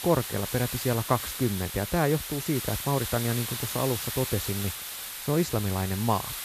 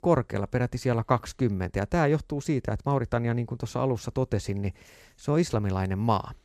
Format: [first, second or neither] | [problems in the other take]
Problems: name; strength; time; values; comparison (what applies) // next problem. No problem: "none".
second | hiss; loud; throughout; 4 dB below the speech